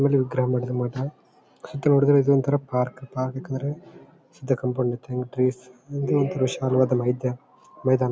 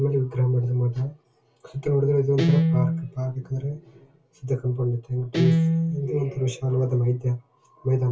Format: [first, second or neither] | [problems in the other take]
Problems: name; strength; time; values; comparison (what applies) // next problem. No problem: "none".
first | background sound (Guitar); 1 dB below the speech // room echo; dies away in 0.2 s